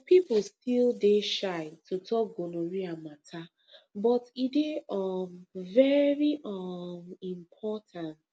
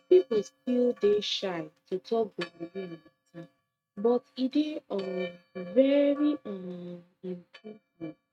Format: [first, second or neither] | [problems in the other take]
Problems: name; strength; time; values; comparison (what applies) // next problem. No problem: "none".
first | noise reduction (neural mask model RNNoise)